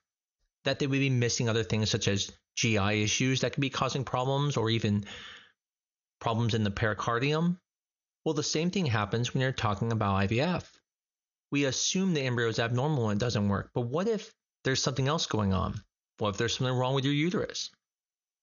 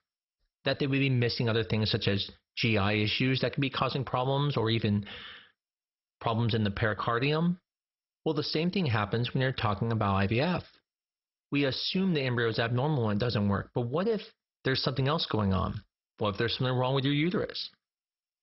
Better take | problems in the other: first | garbled, watery; badly; nothing above 5.5 kHz; slightly in the first

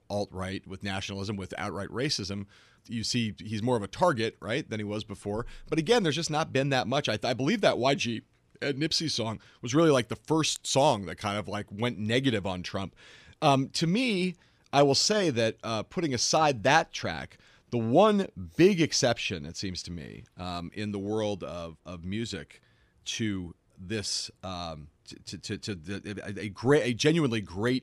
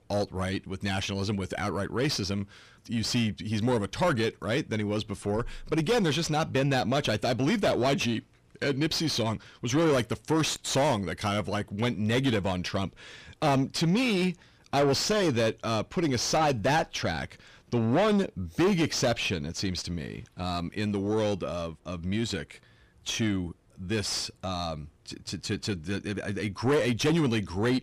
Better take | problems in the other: first | distortion; heavy; 7 dB below the speech

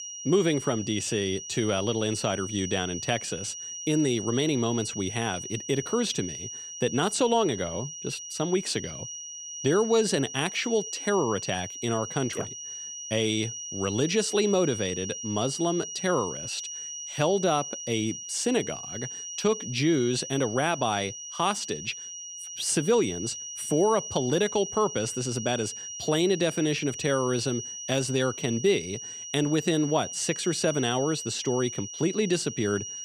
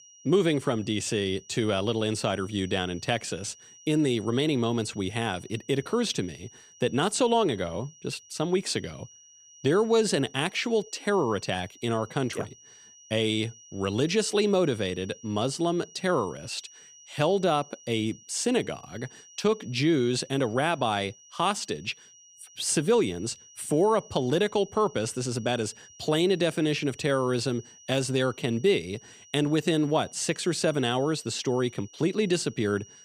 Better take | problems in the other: second | high-pitched whine; loud; throughout; 6 kHz, 8 dB below the speech; faint in the second

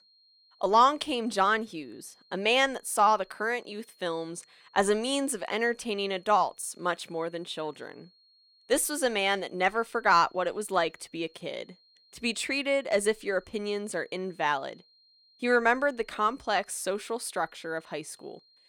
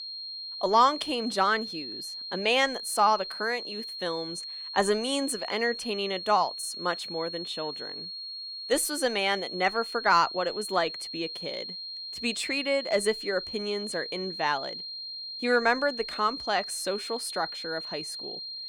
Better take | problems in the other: first | high-pitched whine; loud; throughout; 4 kHz, 7 dB below the speech; faint in the first

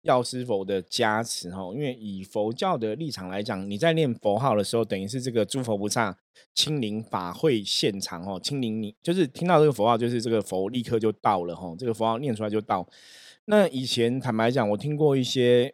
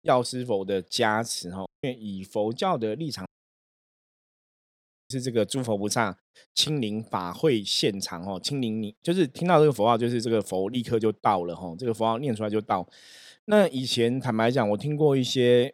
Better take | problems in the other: first | audio cutting out; at 1.5 s and at 3.5 s for 2 s

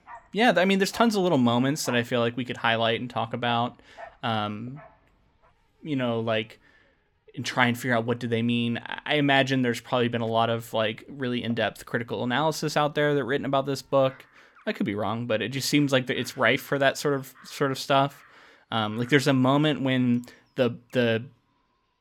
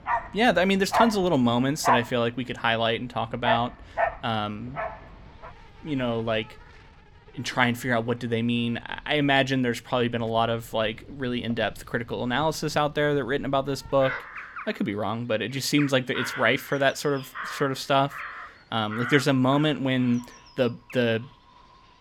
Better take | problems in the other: first | animal sounds; loud; throughout; 7 dB below the speech; faint in the first

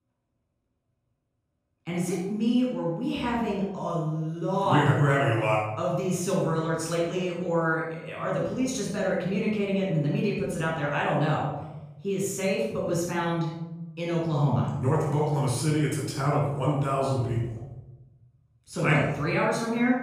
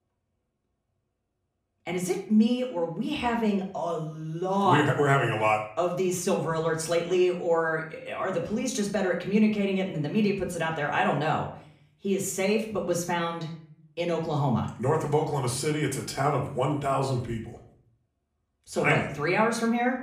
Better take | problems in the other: second | room echo; strong; dies away in 1 s; slight in the second // off-mic speech; far; far in the second

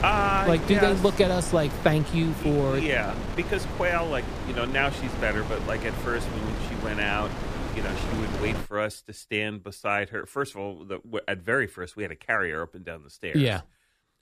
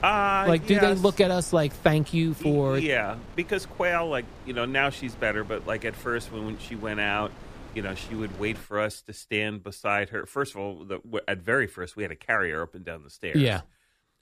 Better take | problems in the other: second | wind noise on the microphone; heavy; until 8.5 s; 8 dB below the speech; occasional gusts in the second

